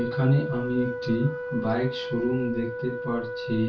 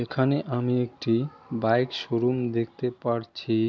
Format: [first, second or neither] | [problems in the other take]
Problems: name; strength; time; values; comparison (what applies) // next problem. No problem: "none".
second | background sound (Wind instrument, woodwind instrument); 6 dB below the speech // room echo; dies away in 0.2 s